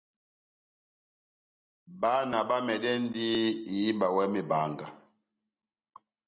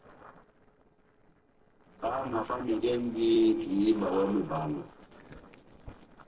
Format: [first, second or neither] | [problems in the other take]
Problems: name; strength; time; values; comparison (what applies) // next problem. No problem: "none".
first | noise reduction (neural separator model SepFormer DNS4)